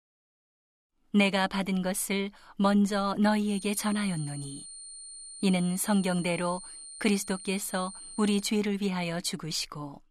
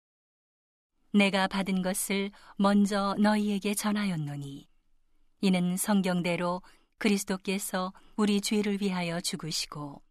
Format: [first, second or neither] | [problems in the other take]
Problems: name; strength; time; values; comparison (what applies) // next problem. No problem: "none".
second | high-pitched whine; noticeable; from 3.5 to 8.5 s; 9 kHz, 15 dB below the speech